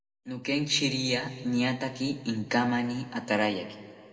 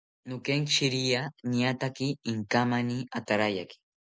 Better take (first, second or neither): second